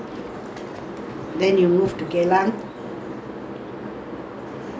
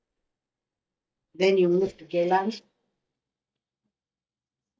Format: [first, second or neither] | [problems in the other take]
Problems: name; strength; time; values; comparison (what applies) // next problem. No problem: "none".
first | noise reduction (neural mask model DeepFilterNet 3)